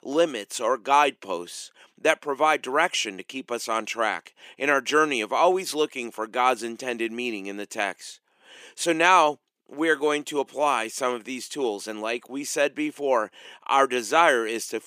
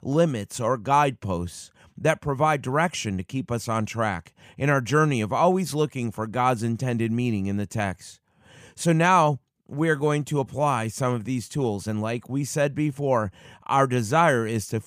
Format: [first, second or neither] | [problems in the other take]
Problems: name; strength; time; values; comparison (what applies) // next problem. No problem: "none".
second | thin; somewhat; fading below 350 Hz